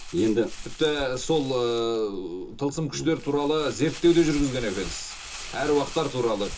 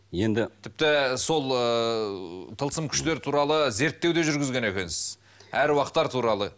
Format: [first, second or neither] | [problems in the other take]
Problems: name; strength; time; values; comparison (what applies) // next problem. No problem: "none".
second | background sound (Crumpling, crinkling); 13 dB below the speech // room echo; dies away in 0.2 s